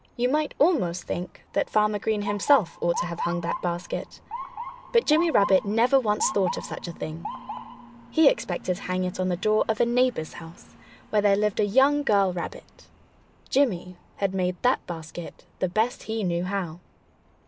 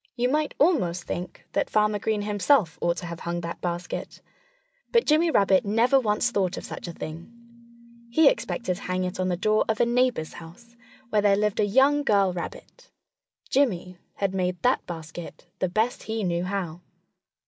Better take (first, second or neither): second